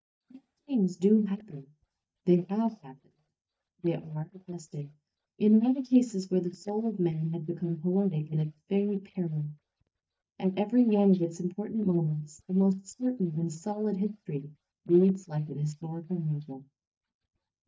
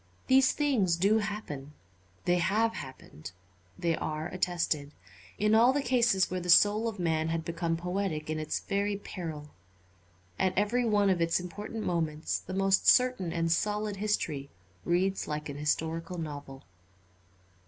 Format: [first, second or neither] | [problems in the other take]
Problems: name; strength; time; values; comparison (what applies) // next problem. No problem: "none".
second | noise reduction (neural mask model DeepFilterNet 3)